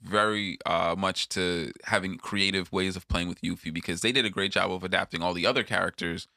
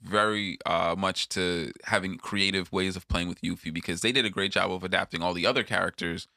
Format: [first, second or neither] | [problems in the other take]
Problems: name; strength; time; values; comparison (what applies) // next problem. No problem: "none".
neither | none